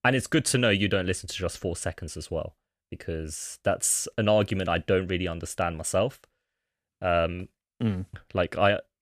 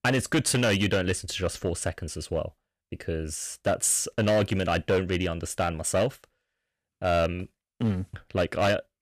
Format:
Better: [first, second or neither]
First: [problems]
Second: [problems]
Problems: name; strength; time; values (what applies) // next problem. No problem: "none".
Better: first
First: none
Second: distortion; slight; 6% of the sound clipped